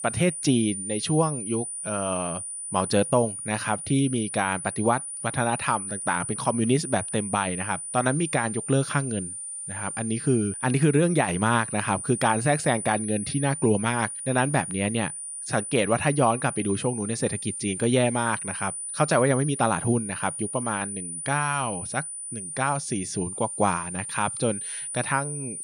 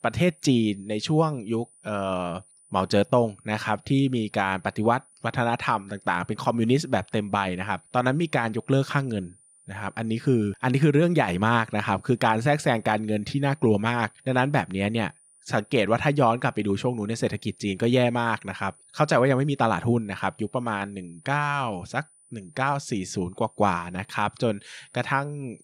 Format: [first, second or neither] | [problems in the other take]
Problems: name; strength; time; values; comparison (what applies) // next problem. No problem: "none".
second | high-pitched whine; loud; throughout; 9.5 kHz, 6 dB below the speech; faint in the second